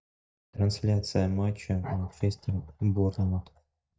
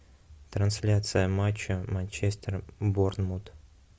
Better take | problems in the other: second | noise reduction (neural mask model DeepFilterNet 3)

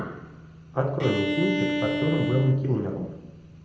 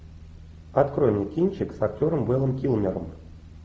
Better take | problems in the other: second | background sound (Bowed string instrument); 3 dB below the speech // room echo; dies away in 0.7 s

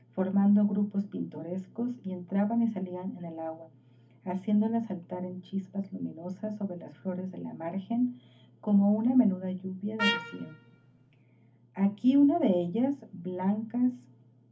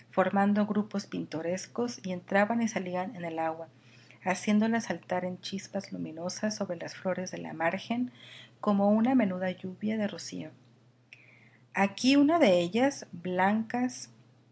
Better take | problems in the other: second | background sound (Trumpet); 5 dB below the speech // room echo; dies away in 0.3 s

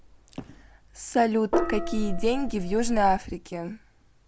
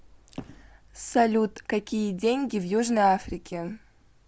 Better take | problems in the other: second | background sound (Gong); 1 dB above the speech

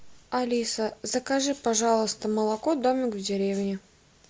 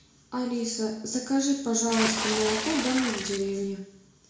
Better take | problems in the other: first | background sound (Water / Splash, splatter); 3 dB below the speech // room echo; dies away in 0.6 s

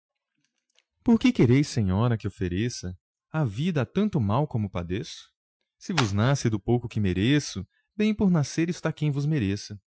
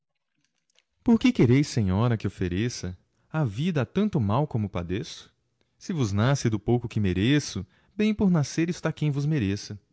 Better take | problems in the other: second | noise reduction (classical method Wiener filter)

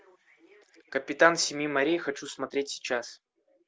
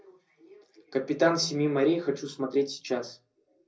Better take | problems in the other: first | room echo; dies away in 0.4 s

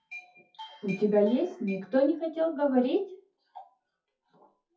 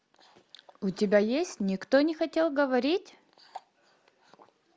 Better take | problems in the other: second | noise reduction (classical method WPE with log-MMSE)

